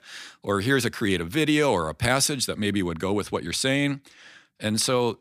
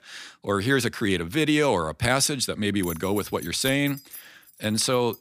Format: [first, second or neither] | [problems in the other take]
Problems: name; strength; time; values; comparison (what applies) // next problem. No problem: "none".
first | jangling keys; faint; from 3 s on; peak 10 dB below the speech